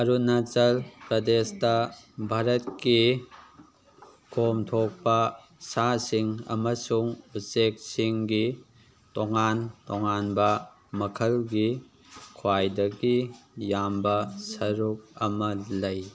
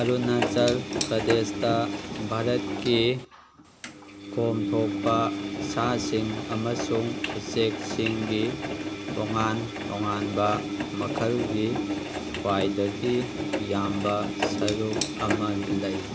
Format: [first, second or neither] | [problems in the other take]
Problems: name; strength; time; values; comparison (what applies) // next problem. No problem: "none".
first | background sound (Engine); 3 dB below the speech